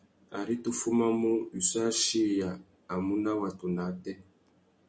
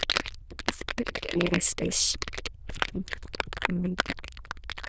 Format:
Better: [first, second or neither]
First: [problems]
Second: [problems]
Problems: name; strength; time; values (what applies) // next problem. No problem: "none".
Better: first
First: none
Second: noise reduction (neural diffusion model UNIVERSE++)